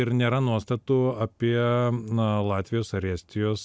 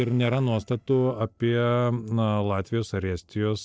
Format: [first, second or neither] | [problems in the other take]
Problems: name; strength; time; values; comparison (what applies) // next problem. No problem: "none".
first | noise reduction (neural separator model SepFormer DNS4)